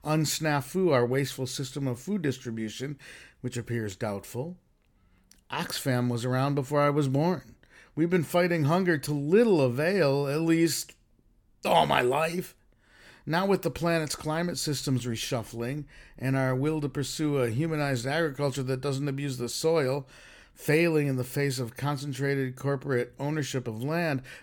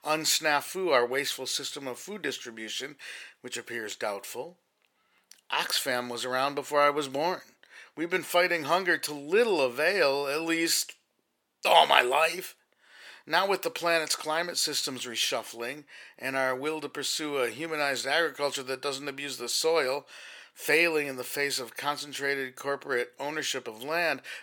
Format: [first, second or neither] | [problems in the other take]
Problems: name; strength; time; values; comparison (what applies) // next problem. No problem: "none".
first | thin; very; fading below 550 Hz